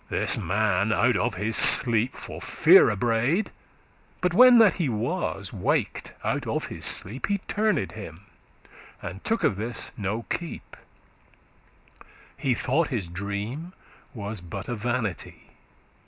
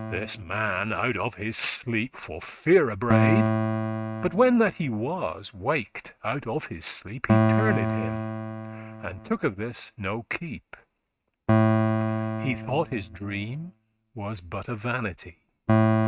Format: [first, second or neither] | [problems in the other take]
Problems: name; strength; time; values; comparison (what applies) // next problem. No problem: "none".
first | noise reduction (neural mask model RNNoise)